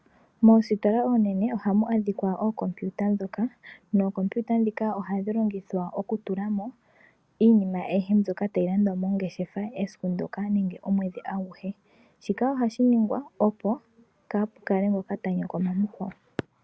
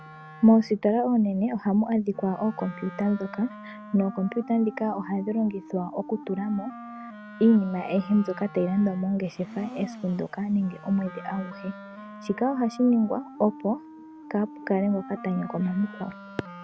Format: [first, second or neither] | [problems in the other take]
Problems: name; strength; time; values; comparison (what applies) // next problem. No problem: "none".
first | background sound (Domestic sounds, home sounds + Wind instrument, woodwind instrument); 17 dB below the speech